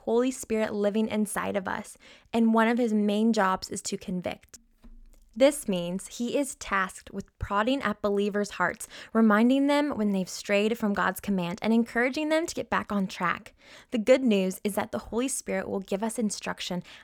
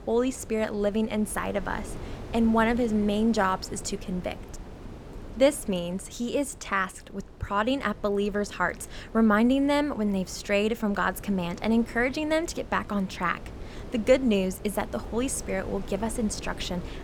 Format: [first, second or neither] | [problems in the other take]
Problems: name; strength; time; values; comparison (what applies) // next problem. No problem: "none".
first | wind noise on the microphone; occasional gusts; 20 dB below the speech